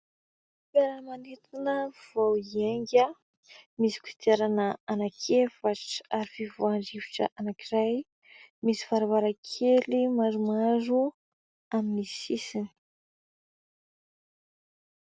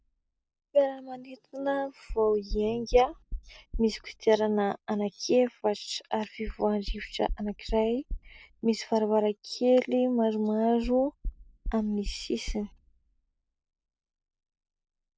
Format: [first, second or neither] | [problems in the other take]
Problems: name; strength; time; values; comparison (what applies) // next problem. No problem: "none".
first | background sound (Knock); 12 dB below the speech